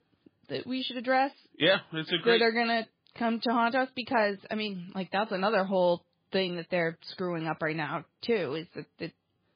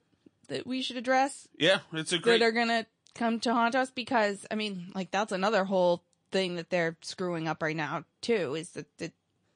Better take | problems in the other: second | garbled, watery; badly; nothing above 4.5 kHz; slightly in the second

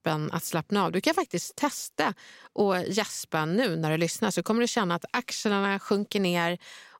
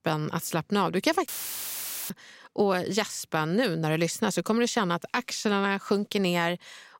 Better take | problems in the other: first | audio cutting out; filled with static; at 1.5 s for 1 s

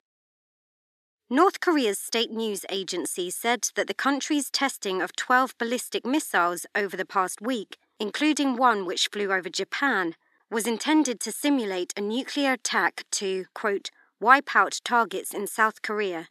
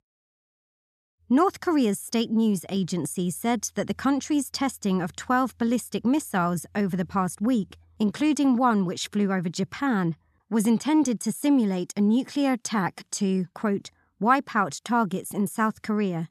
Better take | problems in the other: second | thin; somewhat; fading below 350 Hz

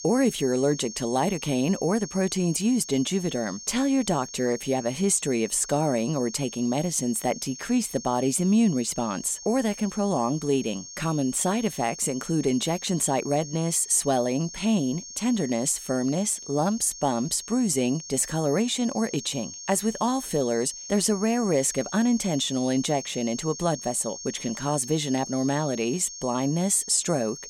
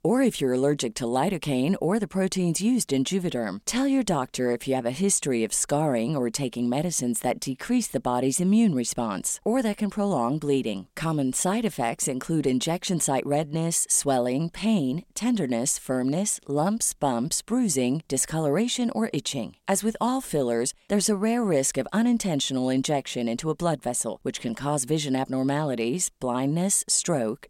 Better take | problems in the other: second | high-pitched whine; noticeable; throughout; 6.5 kHz, 10 dB below the speech

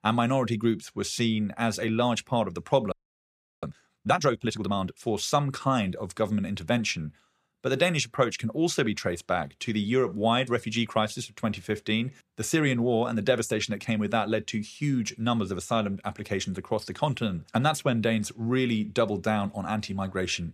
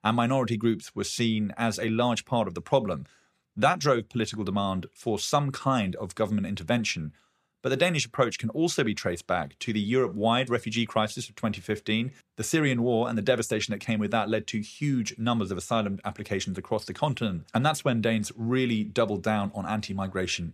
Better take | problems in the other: second | audio freezing; at 3 s for 0.5 s

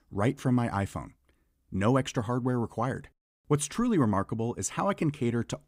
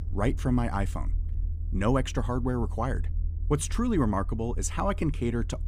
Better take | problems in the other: first | low rumble; faint; throughout; 20 dB below the speech

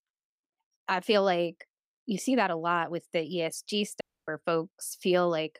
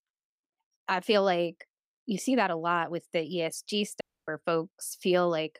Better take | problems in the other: neither | audio cutting out; at 4 s; the same in both

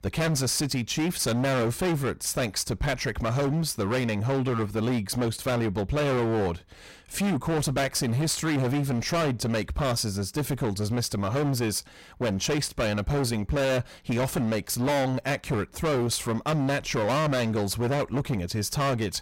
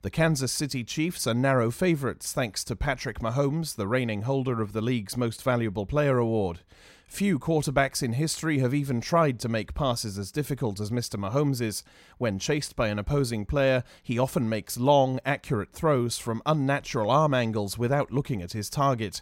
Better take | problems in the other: second | distortion; heavy; 25% of the sound clipped

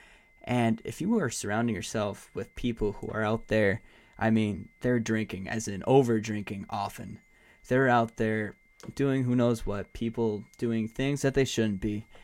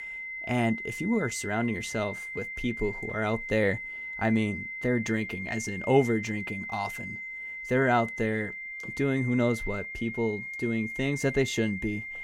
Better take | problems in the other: first | high-pitched whine; loud; throughout; 2 kHz, 6 dB below the speech; faint in the first

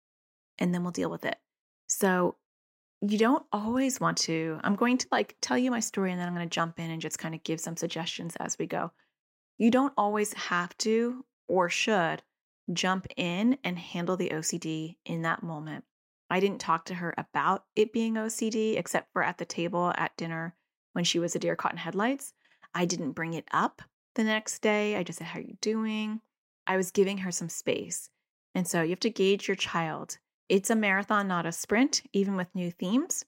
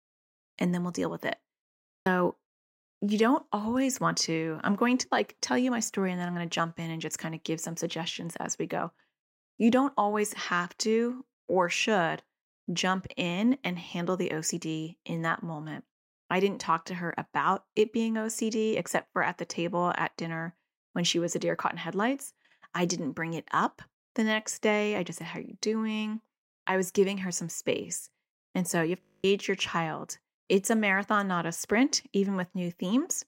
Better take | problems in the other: first | audio freezing; at 2 s and at 29 s

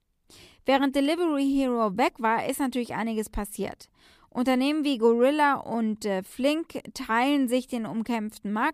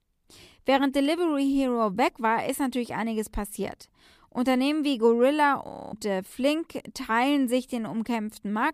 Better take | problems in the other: first | audio freezing; at 5.5 s

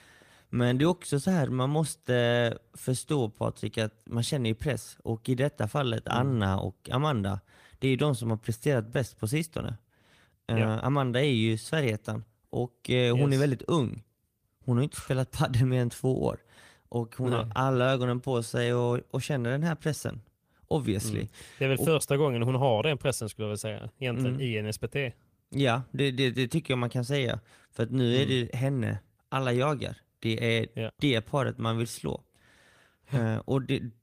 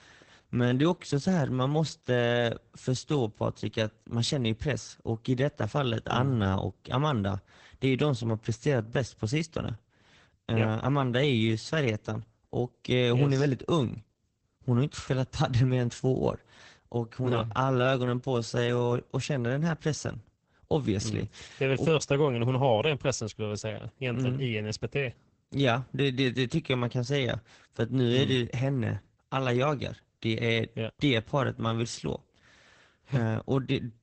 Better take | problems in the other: first | garbled, watery; badly; nothing above 8 kHz; slightly in the first

